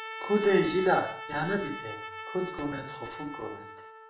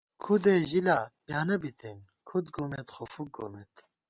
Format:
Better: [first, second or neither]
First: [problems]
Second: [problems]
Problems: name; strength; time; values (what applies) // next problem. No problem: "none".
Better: second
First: background sound (Trumpet); 10 dB below the speech // room echo; dies away in 0.5 s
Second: none